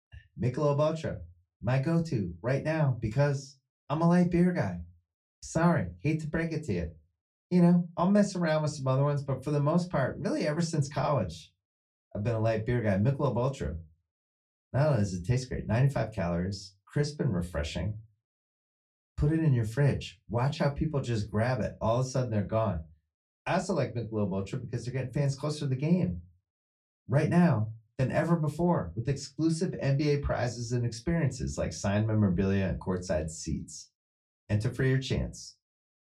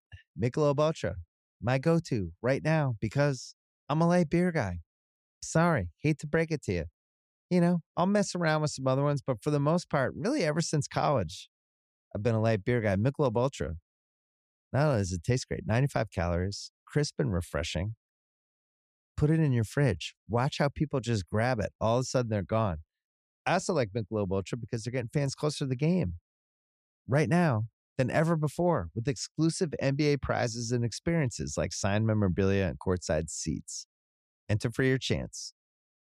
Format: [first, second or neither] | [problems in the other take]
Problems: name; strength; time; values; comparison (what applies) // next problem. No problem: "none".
second | off-mic speech; far // room echo; very slight; dies away in 0.2 s